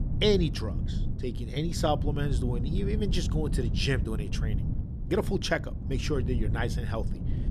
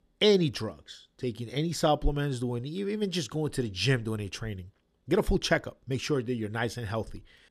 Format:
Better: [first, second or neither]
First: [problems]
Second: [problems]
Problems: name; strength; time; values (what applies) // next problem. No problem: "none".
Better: second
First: wind noise on the microphone; occasional gusts; 10 dB below the speech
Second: none